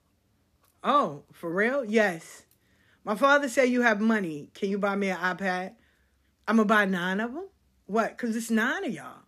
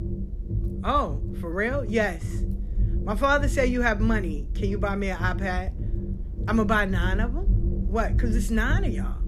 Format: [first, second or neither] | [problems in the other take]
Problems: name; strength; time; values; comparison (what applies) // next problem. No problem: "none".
first | low rumble; noticeable; throughout; 15 dB below the speech